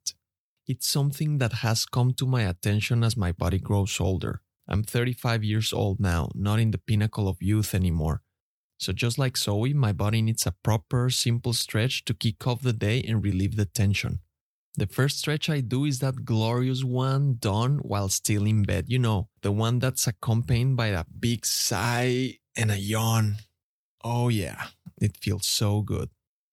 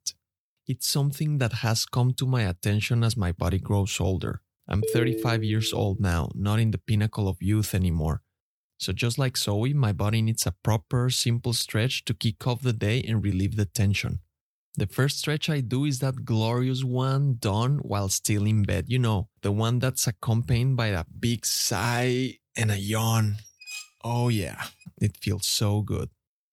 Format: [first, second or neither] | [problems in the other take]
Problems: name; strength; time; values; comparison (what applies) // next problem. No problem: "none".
first | phone ringing; noticeable; from 5 to 6 s; peak 2 dB below the speech // clattering dishes; faint; from 23 to 25 s; peak 10 dB below the speech